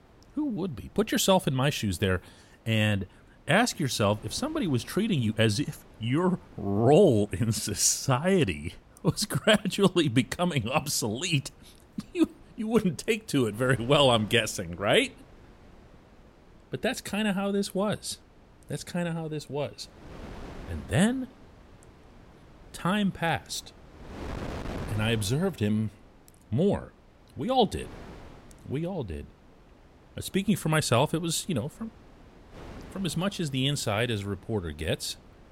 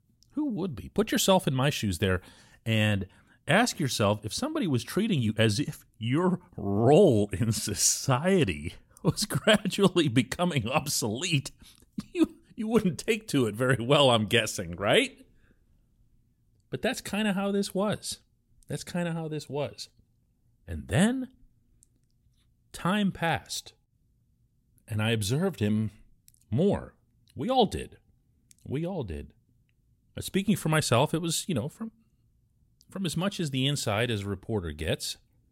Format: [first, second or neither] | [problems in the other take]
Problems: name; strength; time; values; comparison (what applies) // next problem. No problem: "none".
second | wind noise on the microphone; occasional gusts; 25 dB below the speech